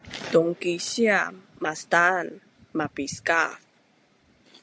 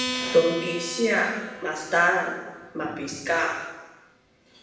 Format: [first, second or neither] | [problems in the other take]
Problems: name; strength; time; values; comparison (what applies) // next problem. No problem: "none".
first | background sound (Acoustic guitar); 11 dB below the speech // room echo; dies away in 1.1 s